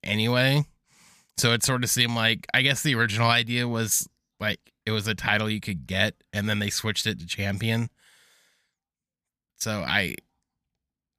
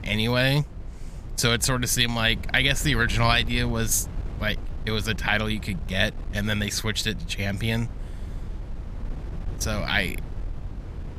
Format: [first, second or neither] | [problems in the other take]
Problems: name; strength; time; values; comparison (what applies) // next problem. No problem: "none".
first | wind noise on the microphone; occasional gusts; 20 dB below the speech